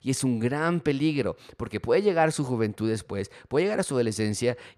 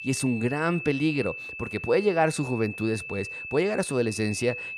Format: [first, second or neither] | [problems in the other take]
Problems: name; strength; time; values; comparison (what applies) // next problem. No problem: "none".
first | high-pitched whine; loud; throughout; 2.5 kHz, 9 dB below the speech